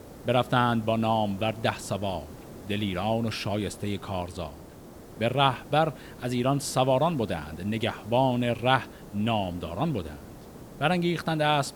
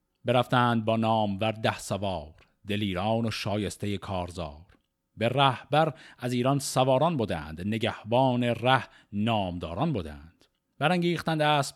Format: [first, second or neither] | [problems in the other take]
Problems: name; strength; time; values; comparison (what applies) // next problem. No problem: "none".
second | hiss; noticeable; throughout; 20 dB below the speech